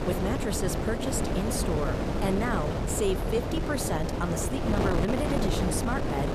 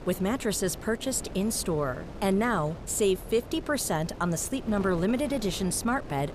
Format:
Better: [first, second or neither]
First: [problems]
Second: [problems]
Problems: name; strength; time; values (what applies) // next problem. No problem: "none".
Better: second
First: wind noise on the microphone; heavy; as loud as the speech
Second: wind noise on the microphone; occasional gusts; 15 dB below the speech